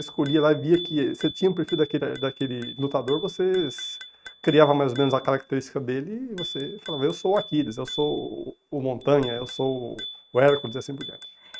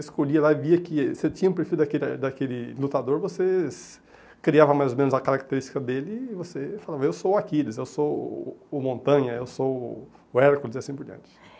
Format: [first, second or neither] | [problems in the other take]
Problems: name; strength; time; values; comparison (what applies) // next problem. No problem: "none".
second | noise reduction (neural mask model RNNoise)